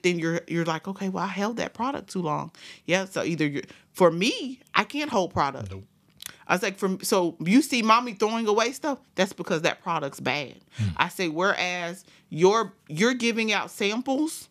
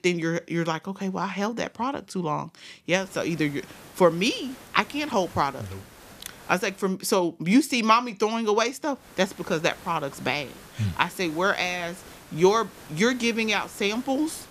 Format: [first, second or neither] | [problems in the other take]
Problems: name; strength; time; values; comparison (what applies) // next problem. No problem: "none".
first | hiss; faint; from 3 to 7 s and from 9 s on; 20 dB below the speech